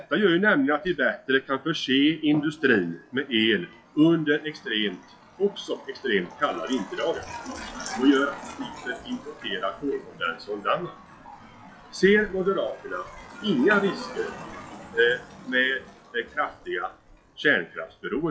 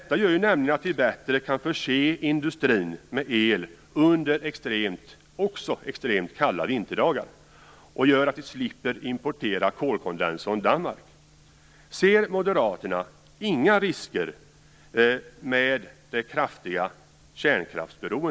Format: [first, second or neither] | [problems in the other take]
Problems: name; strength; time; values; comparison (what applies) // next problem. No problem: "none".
second | noise reduction (classical method WPE with log-MMSE)